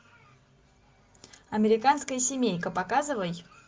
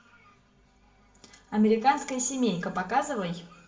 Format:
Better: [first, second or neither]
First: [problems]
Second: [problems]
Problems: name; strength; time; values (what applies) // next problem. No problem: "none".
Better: first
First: none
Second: room echo; dies away in 0.5 s